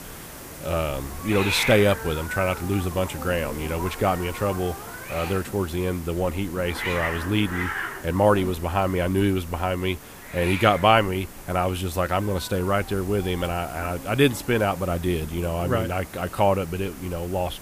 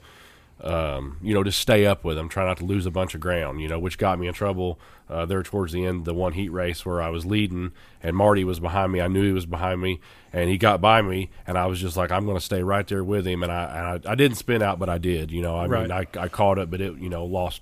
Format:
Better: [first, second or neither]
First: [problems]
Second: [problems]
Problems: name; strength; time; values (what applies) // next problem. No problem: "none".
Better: second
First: hiss; loud; throughout; 10 dB below the speech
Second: none